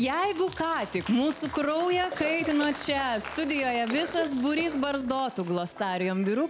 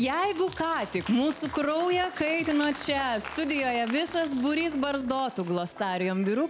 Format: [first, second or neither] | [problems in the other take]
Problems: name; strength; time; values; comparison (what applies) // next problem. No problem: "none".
second | background sound (Cough); 15 dB below the speech